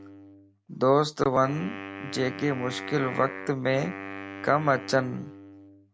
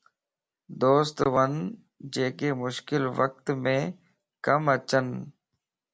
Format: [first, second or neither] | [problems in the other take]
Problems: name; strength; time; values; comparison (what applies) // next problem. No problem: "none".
second | background sound (Wind instrument, woodwind instrument); 12 dB below the speech